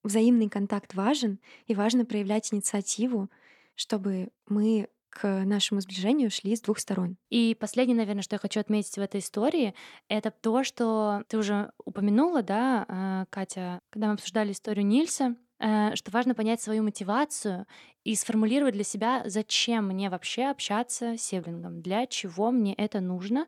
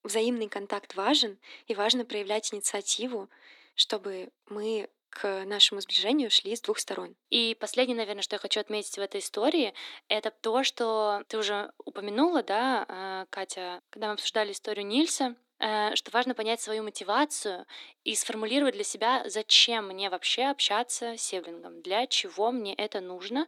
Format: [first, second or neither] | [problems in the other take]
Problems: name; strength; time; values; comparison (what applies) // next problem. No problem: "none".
first | thin; somewhat; fading below 300 Hz